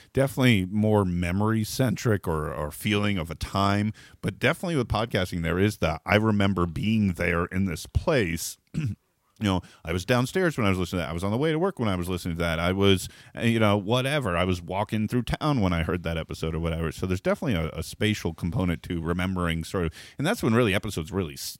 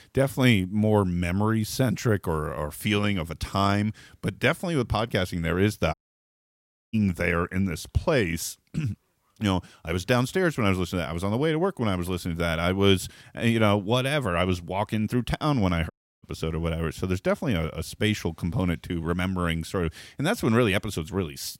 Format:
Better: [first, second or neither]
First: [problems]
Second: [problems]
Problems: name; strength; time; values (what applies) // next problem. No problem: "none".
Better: first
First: none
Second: audio cutting out; at 6 s for 1 s and at 16 s